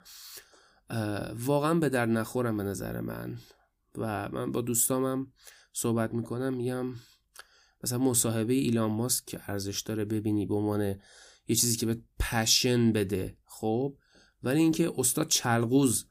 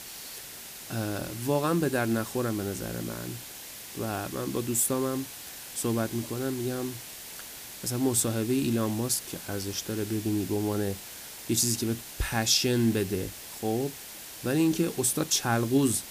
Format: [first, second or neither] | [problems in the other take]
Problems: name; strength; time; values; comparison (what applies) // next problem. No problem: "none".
first | hiss; noticeable; throughout; 10 dB below the speech